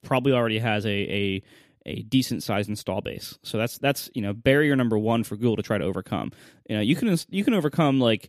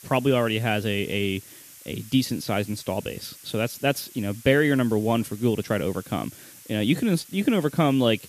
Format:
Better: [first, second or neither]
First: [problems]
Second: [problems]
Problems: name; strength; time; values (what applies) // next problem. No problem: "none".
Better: first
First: none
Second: hiss; noticeable; throughout; 20 dB below the speech